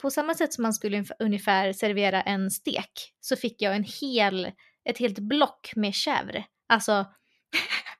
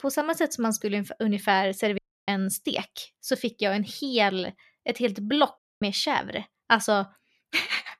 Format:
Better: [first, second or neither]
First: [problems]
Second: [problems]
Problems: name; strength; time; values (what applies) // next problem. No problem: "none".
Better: first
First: none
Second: audio cutting out; at 2 s and at 5.5 s